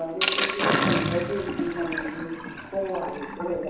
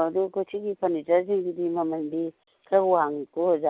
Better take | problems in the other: second | background sound (Sink (filling or washing)); 2 dB above the speech // room echo; dies away in 0.9 s

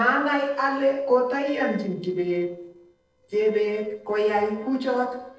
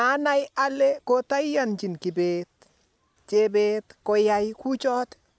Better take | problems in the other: second | noise reduction (neural separator model SepFormer DNS4)

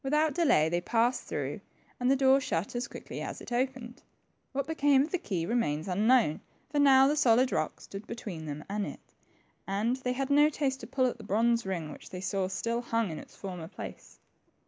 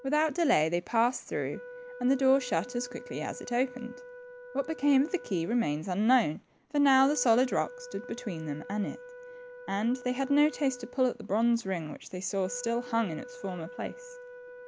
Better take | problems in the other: first | background sound (Wind instrument, woodwind instrument); 17 dB below the speech

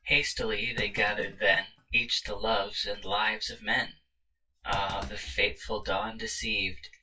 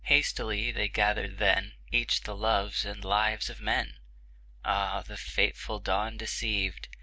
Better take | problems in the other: second | noise reduction (classical method WPE with log-MMSE)

